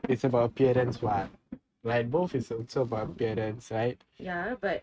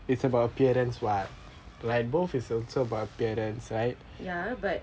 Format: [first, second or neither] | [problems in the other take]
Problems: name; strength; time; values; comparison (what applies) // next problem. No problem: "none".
second | noise reduction (neural mask model RNNoise)